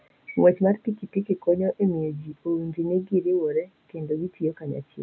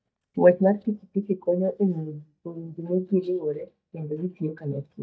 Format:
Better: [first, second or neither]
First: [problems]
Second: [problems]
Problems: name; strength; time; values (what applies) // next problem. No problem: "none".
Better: first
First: none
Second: noise reduction (neural mask model DeepFilterNet 3)